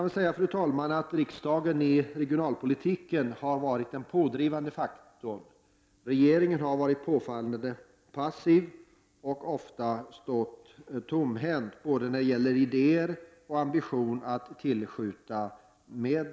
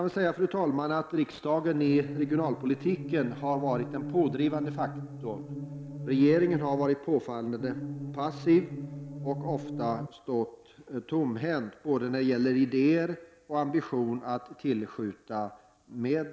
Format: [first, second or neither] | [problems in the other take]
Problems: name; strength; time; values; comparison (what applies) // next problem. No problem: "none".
first | background sound (Musical instrument); 8 dB below the speech